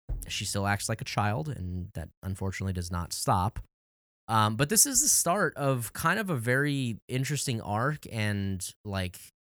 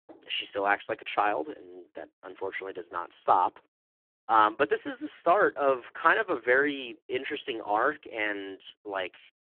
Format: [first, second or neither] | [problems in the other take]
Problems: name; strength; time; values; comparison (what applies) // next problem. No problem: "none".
first | phone-call audio; poor line